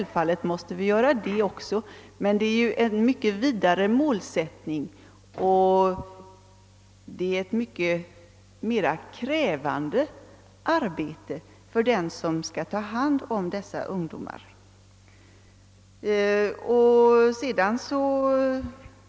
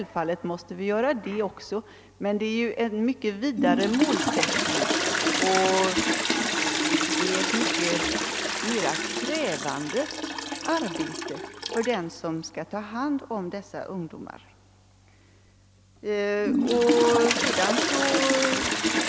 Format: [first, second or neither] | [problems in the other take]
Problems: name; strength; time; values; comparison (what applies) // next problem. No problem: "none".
first | background sound (Toilet flush); as loud as the speech